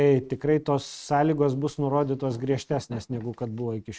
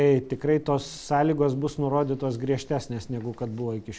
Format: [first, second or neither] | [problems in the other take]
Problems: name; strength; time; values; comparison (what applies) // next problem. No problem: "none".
second | noise reduction (neural mask model RNNoise)